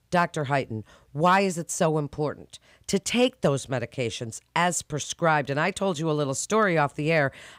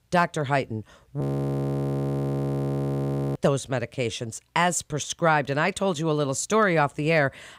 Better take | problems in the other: first | audio freezing; at 1 s for 2 s

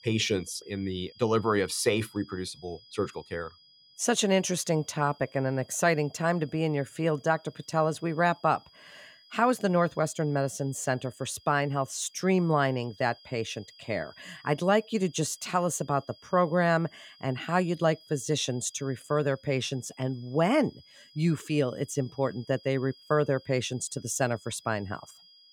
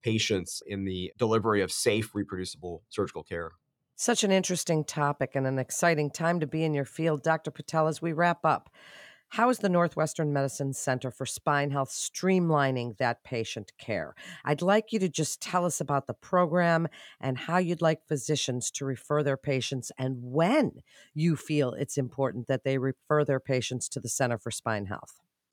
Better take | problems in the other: second | high-pitched whine; faint; throughout; 5 kHz, 25 dB below the speech

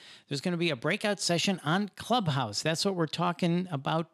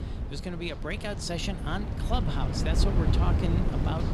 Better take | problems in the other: first | wind noise on the microphone; heavy; 4 dB below the speech

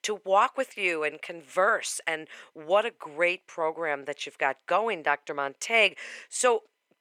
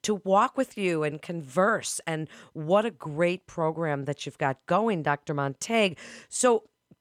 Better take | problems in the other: second | thin; very; fading below 500 Hz

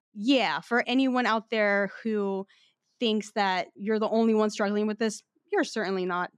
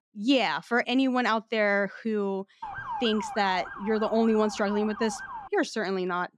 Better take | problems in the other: first | siren; noticeable; from 2.5 to 5.5 s; peak 8 dB below the speech

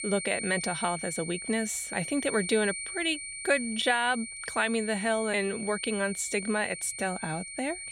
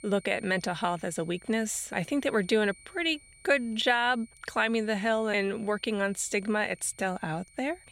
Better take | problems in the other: second | high-pitched whine; loud; throughout; 9 kHz, 6 dB below the speech; faint in the second

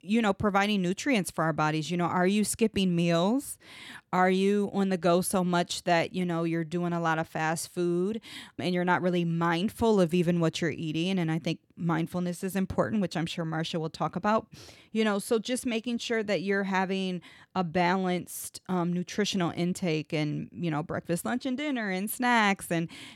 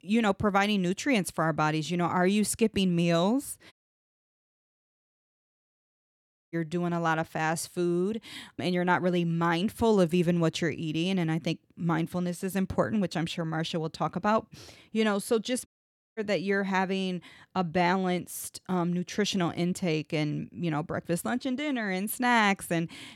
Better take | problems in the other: first | audio cutting out; at 3.5 s for 3 s and at 16 s for 0.5 s

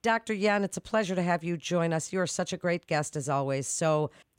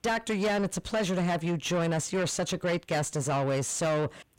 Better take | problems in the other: first | distortion; heavy; 6 dB below the speech

